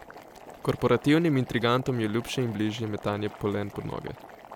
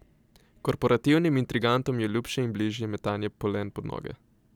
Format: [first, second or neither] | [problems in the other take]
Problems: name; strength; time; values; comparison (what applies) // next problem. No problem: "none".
second | background sound (Boiling); 18 dB below the speech